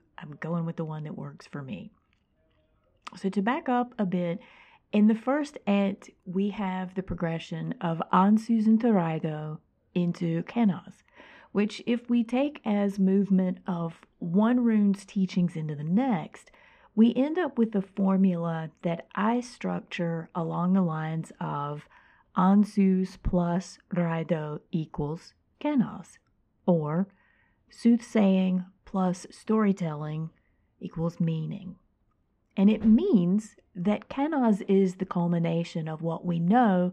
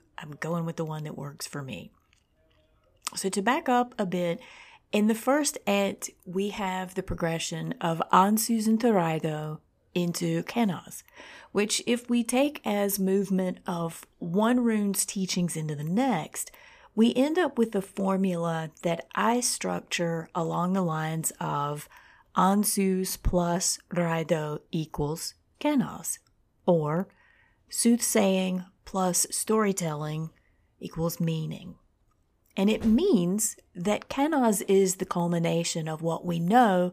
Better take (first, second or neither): second